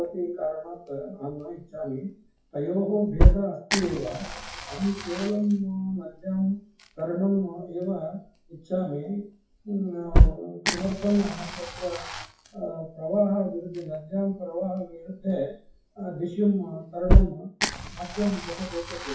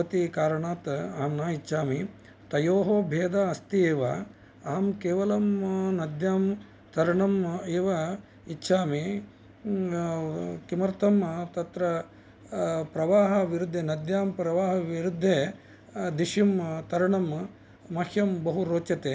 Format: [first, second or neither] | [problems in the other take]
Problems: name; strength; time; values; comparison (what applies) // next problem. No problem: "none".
second | noise reduction (classical method WPE with log-MMSE)